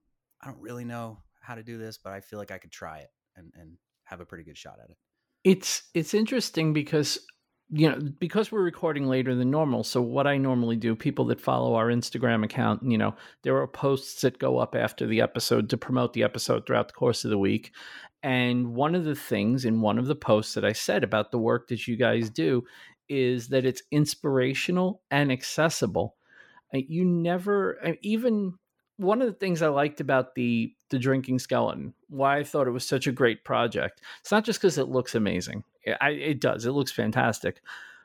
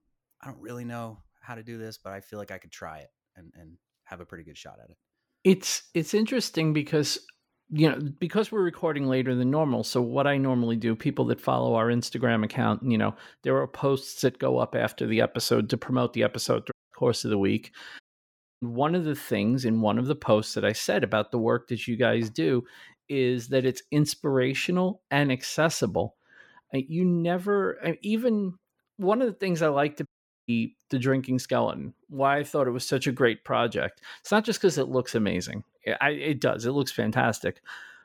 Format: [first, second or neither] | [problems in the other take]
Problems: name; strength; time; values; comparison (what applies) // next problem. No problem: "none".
first | audio cutting out; at 17 s, at 18 s for 0.5 s and at 30 s